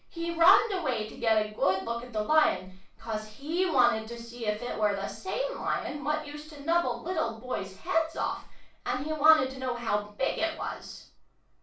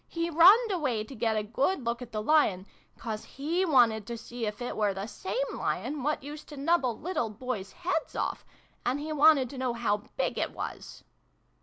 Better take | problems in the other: second | room echo; dies away in 0.3 s

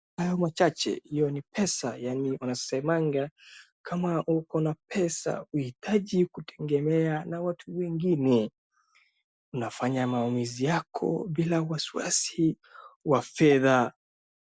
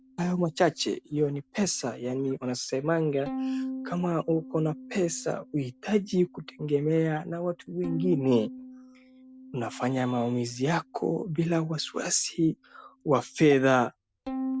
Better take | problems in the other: first | background sound (Bowed string instrument); 13 dB below the speech

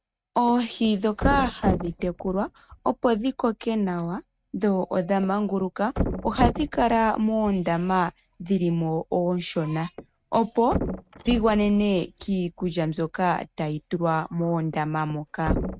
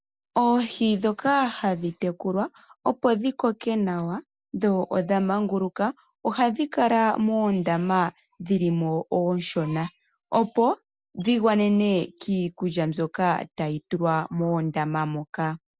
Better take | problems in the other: second | noise reduction (neural mask model RNNoise)

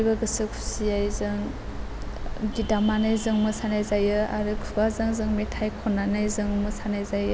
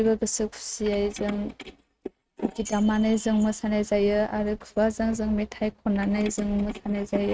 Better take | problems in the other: first | noise reduction (neural mask model RNNoise)

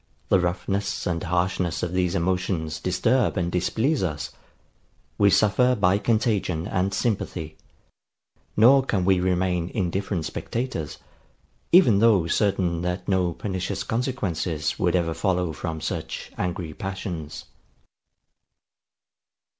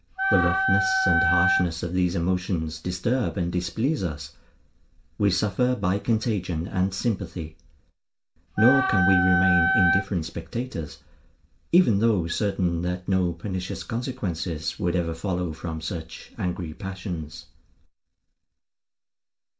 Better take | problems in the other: first | background sound (Wind instrument, woodwind instrument); 2 dB above the speech // room echo; dies away in 0.2 s

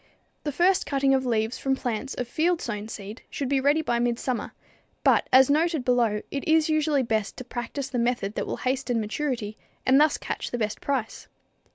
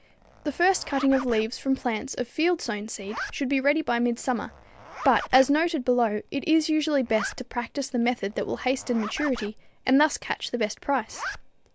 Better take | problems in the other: first | background sound (Zipper (clothing)); 16 dB below the speech

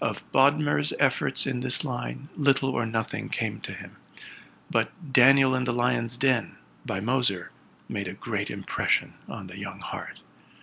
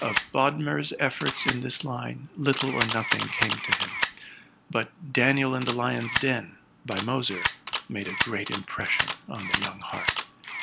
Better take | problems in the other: first | background sound (Camera); 3 dB below the speech

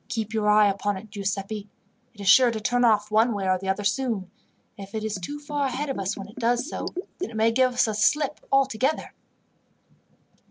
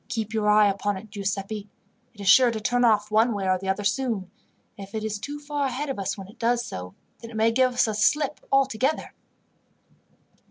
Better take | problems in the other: second | background sound (Bathtub (filling or washing)); 11 dB below the speech

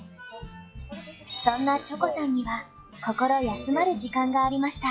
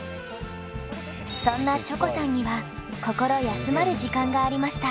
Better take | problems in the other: second | noise reduction (classical method log-MMSE)

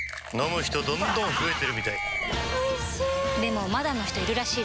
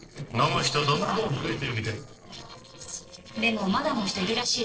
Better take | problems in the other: first | noise reduction (neural separator model SepFormer DNS4)

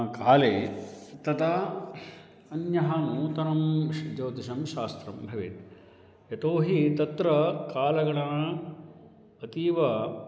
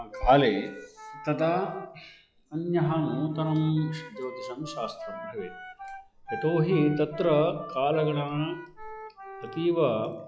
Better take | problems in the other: first | noise reduction (classical method log-MMSE)

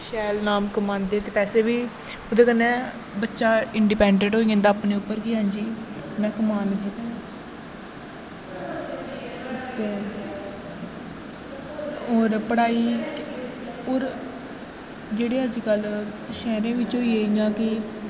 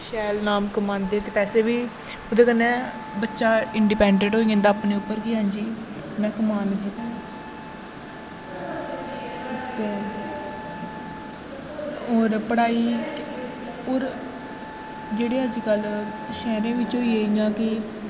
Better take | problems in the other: first | background sound (Wind instrument, woodwind instrument); 17 dB below the speech

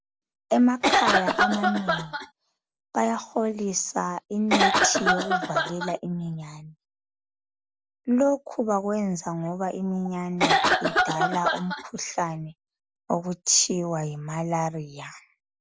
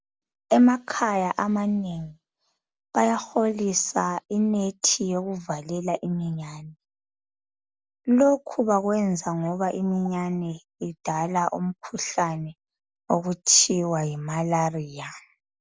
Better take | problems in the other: second | background sound (Cough); 4 dB above the speech

